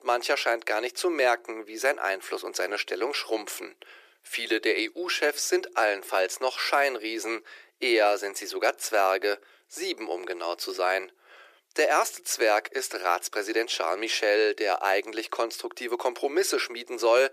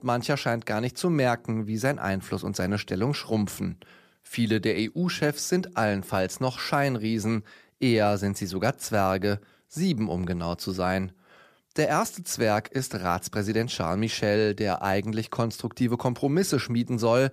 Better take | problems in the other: second | thin; very; fading below 350 Hz

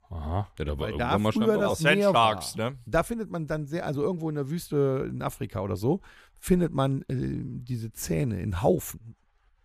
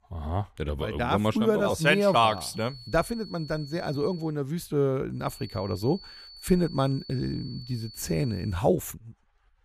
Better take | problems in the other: first | high-pitched whine; noticeable; from 1.5 to 4 s and from 5.5 to 8.5 s; 4.5 kHz, 15 dB below the speech

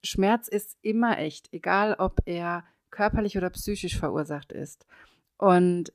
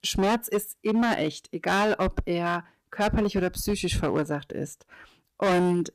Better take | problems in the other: first | distortion; heavy; 11% of the sound clipped

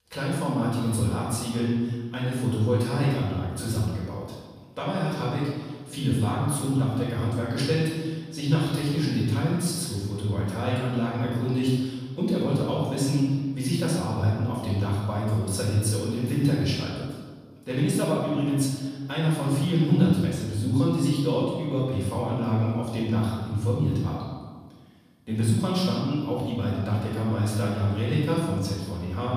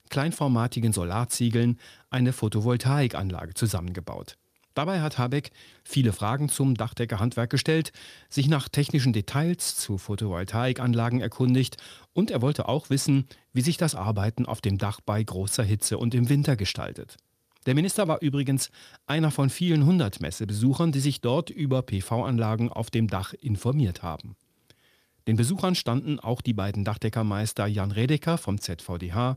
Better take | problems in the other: second | room echo; strong; dies away in 1.3 s // off-mic speech; far

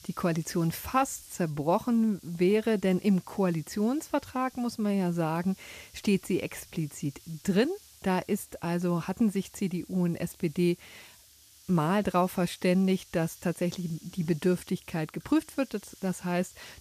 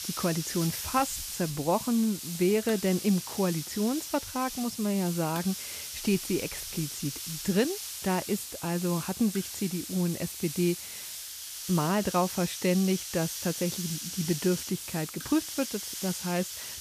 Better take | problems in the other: first | hiss; loud; throughout; 6 dB below the speech; faint in the first

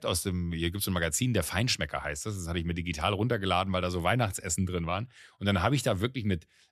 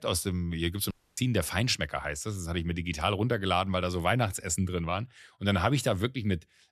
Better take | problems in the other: first | audio cutting out; at 1 s

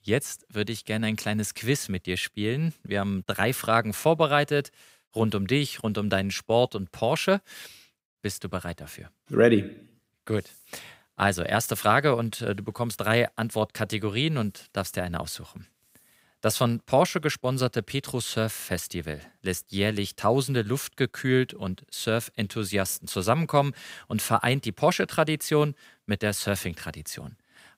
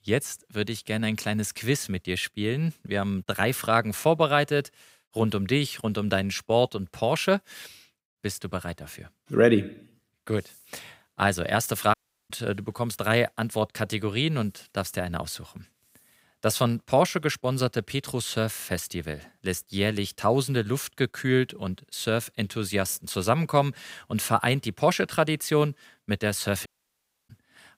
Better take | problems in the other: first | audio cutting out; at 12 s and at 27 s for 0.5 s

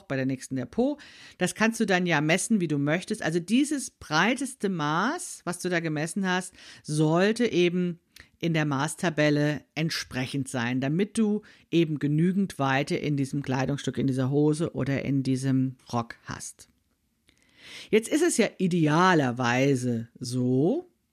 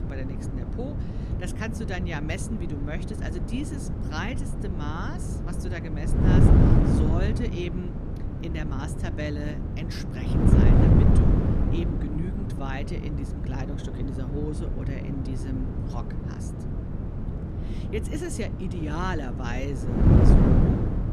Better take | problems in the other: first | wind noise on the microphone; heavy; 2 dB above the speech

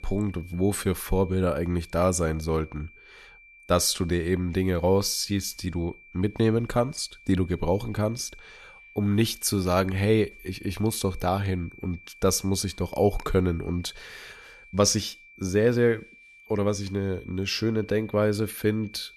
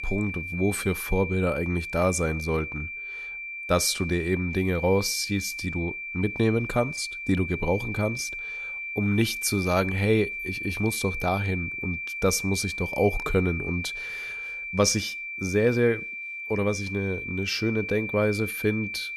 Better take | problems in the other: first | high-pitched whine; loud; throughout; 2.5 kHz, 6 dB below the speech; faint in the first

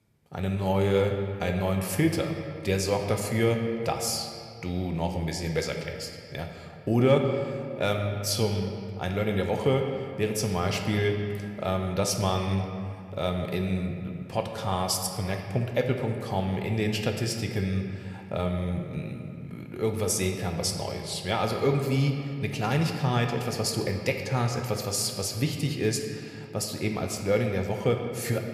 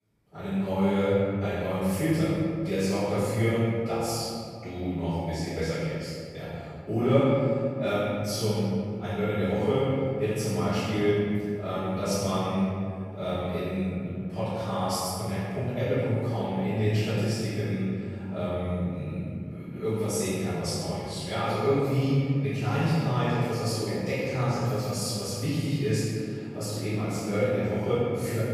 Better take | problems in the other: first | room echo; strong; dies away in 2.5 s; slight in the first // off-mic speech; far

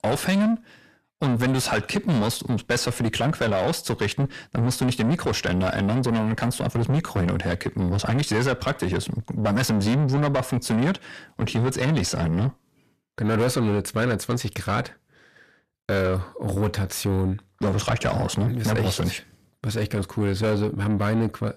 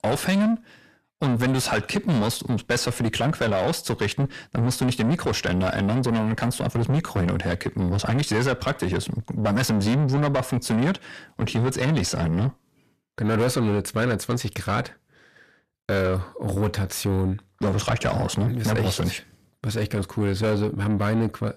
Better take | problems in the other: neither | distortion; heavy; 7 dB below the speech; the same in both

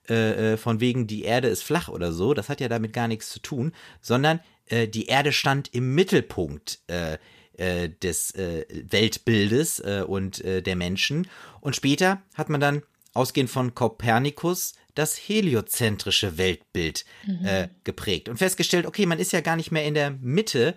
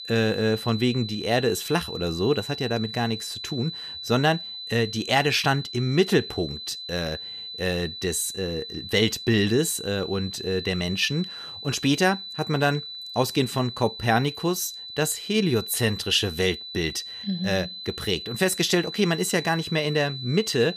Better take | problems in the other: first | high-pitched whine; loud; throughout; 4 kHz, 9 dB below the speech

